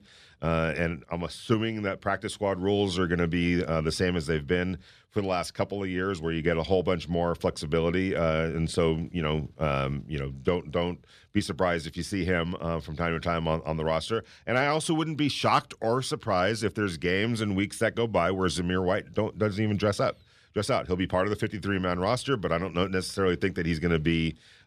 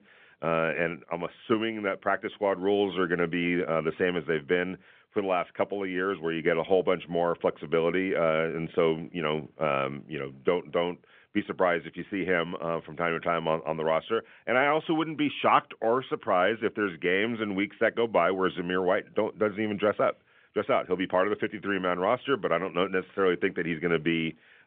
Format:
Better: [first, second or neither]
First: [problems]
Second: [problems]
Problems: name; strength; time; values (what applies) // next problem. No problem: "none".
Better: first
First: none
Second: phone-call audio